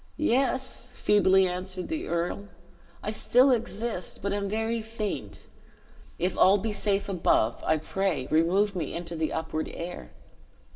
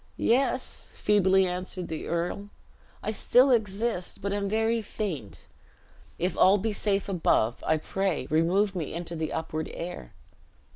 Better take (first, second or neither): second